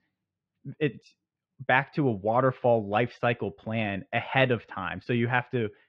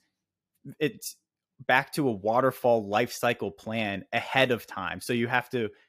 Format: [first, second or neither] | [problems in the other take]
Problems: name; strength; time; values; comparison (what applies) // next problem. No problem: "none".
second | muffled; very; fading above 3 kHz